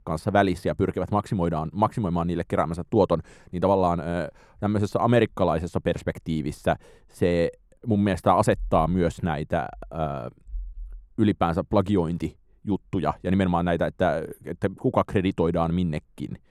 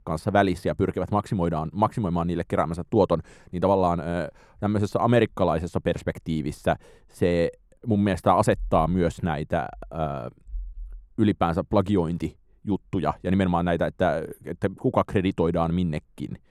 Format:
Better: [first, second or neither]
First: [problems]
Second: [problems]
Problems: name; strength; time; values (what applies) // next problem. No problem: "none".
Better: neither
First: muffled; slightly; fading above 2.5 kHz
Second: muffled; slightly; fading above 2.5 kHz